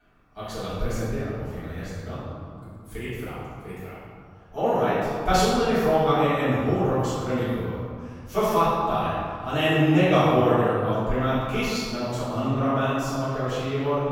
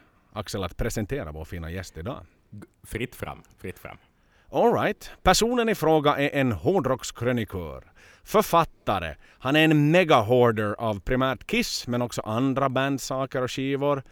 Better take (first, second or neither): second